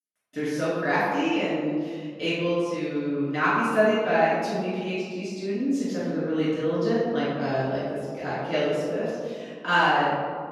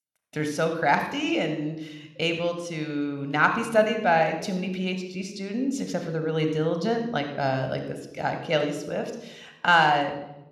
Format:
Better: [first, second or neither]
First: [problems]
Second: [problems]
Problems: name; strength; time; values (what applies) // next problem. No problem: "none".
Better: second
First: room echo; strong; dies away in 1.8 s // off-mic speech; far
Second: room echo; slight; dies away in 0.7 s